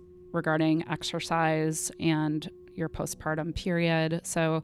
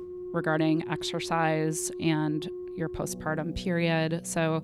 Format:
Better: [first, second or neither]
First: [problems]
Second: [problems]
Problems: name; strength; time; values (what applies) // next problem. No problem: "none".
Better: first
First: background music; faint; throughout; 25 dB below the speech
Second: background music; loud; throughout; 10 dB below the speech